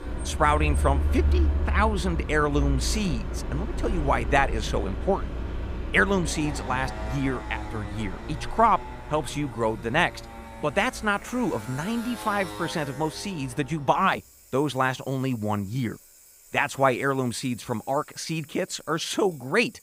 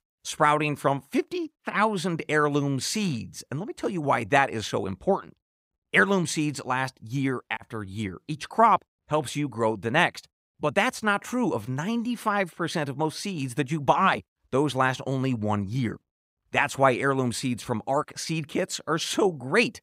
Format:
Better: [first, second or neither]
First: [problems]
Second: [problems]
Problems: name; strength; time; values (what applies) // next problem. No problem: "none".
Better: second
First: traffic noise; loud; throughout; 5 dB below the speech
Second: none